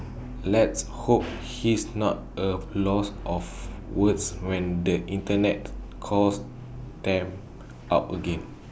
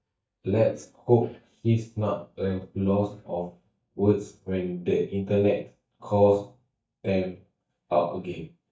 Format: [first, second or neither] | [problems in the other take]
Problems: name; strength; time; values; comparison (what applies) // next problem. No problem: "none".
first | noise reduction (neural mask model DeepFilterNet 3)